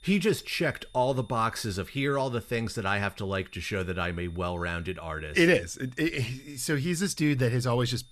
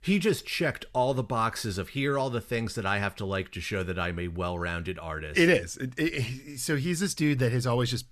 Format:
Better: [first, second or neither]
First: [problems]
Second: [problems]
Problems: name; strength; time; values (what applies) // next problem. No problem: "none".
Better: second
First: high-pitched whine; faint; throughout; 3.5 kHz, 30 dB below the speech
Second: none